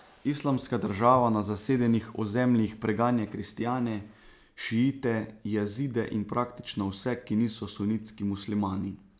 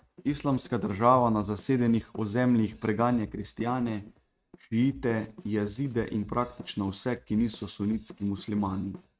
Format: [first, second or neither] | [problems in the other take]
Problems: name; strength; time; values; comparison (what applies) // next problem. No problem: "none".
first | noise reduction (neural mask model RNNoise)